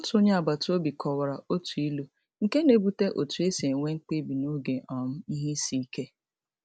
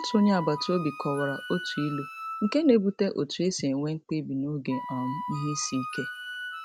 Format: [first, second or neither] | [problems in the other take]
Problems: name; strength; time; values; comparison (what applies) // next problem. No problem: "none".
first | background sound (Wind instrument, woodwind instrument); 10 dB below the speech